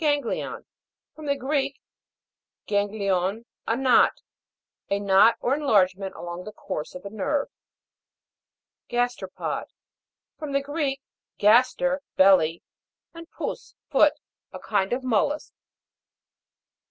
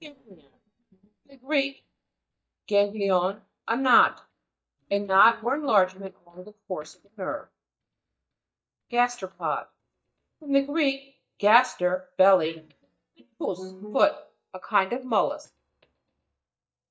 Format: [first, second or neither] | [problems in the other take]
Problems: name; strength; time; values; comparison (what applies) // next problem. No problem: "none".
first | noise reduction (neural mask model DeepFilterNet 3)